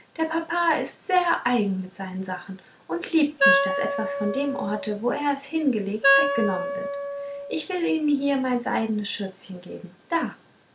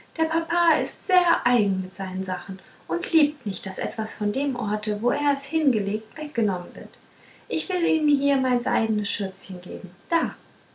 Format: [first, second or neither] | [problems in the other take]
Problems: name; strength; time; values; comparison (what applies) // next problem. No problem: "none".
second | background sound (Wind instrument, woodwind instrument); 1 dB above the speech